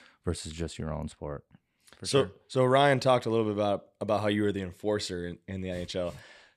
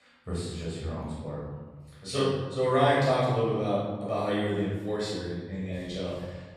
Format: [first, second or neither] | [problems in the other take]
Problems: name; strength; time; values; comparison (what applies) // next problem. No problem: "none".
first | off-mic speech; far // room echo; strong; dies away in 1.4 s